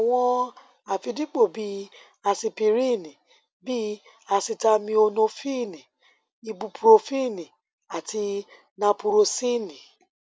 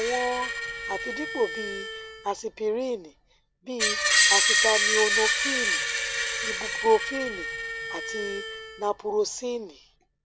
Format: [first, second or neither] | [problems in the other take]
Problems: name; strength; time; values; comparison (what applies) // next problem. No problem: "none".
first | background sound (Screech); 2 dB above the speech